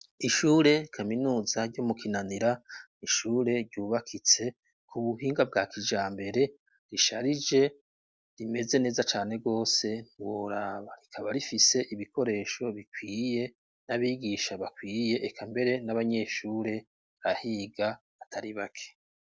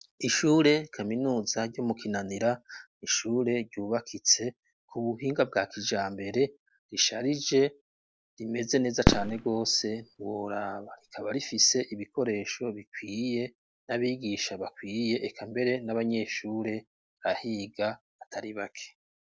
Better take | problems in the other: first | background sound (Fireworks); 1 dB below the speech

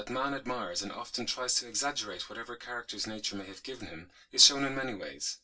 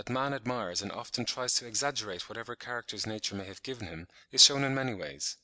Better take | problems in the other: second | room echo; dies away in 0.1 s

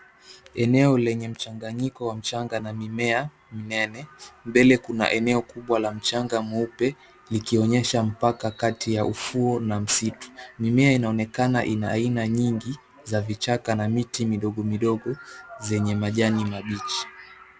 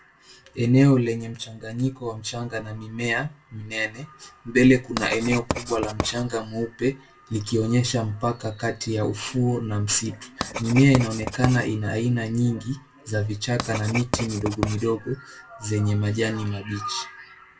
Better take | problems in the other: first | background sound (Writing); 9 dB below the speech // room echo; dies away in 0.2 s

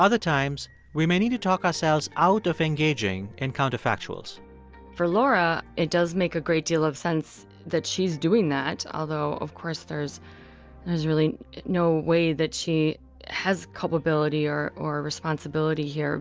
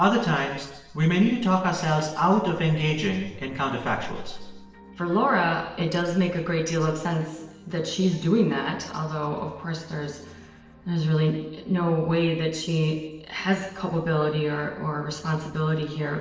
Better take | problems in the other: first | room echo; dies away in 1 s

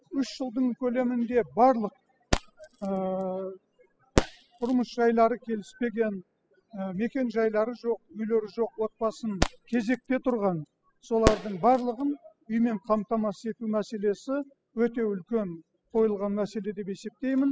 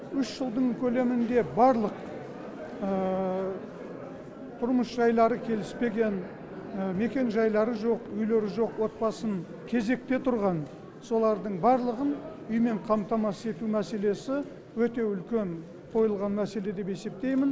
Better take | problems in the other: second | noise reduction (classical method spectral subtraction)

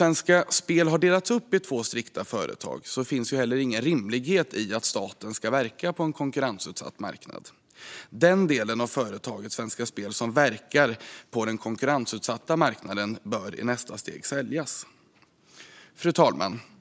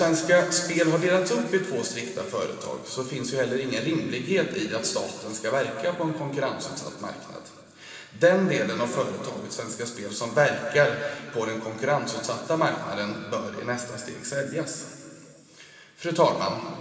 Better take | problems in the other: first | room echo; dies away in 2.5 s

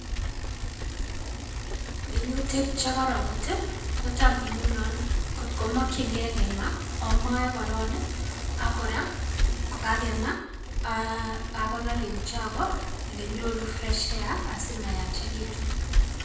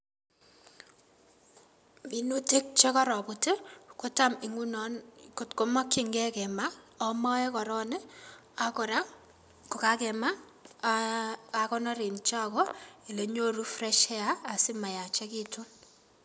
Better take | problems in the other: second | background sound (Bicycle); 4 dB above the speech // room echo; dies away in 0.9 s

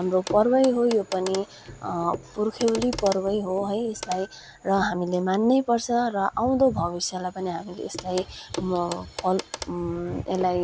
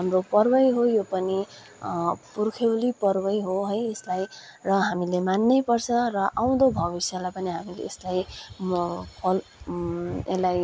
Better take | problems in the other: second | background sound (Clock); 14 dB below the speech

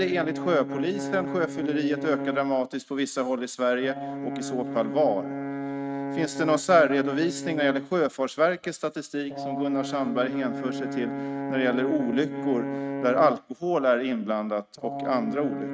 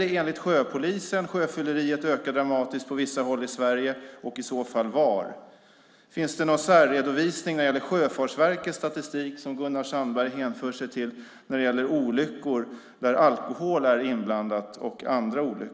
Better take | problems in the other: second | noise reduction (neural mask model RNNoise)

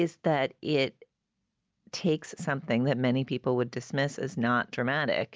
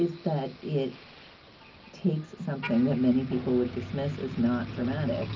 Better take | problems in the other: first | background sound (Motor vehicle (road)); 12 dB below the speech // room echo; dies away in 0.3 s

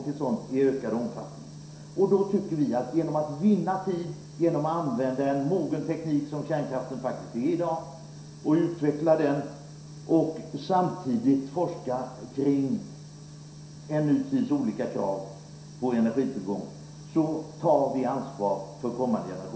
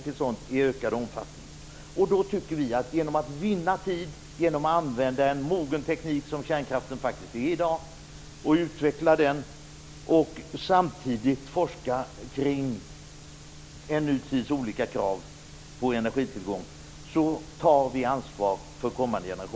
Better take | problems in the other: second | room echo; dies away in 0.7 s

